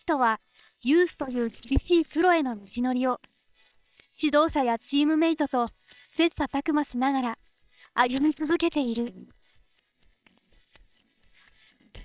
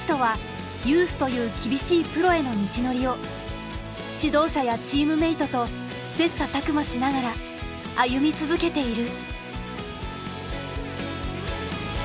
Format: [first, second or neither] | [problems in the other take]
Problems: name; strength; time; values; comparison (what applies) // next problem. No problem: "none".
second | noise reduction (neural separator model SepFormer WHAM!)